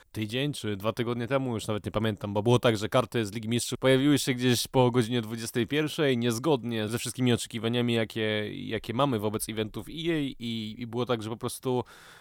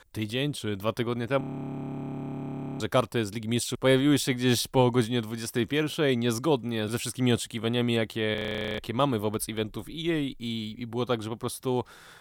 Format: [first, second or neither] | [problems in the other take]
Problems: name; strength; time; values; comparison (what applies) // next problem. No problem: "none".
first | audio freezing; at 1.5 s for 1.5 s and at 8.5 s